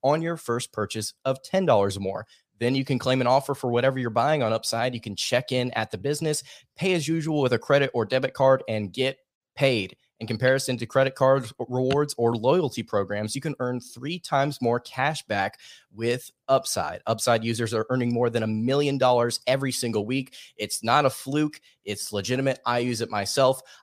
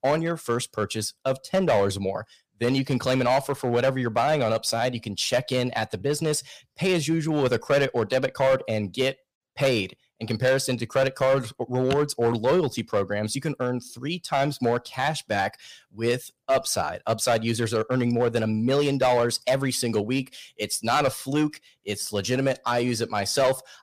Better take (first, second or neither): first